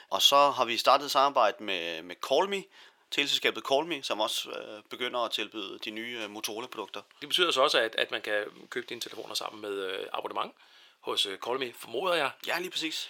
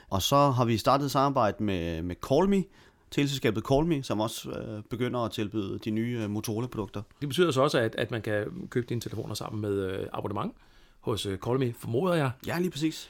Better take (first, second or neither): second